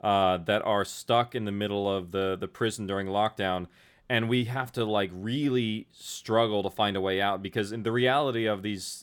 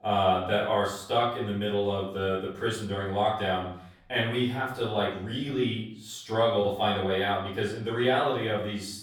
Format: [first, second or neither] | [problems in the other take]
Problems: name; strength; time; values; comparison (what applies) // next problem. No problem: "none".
first | off-mic speech; far // room echo; noticeable; dies away in 0.5 s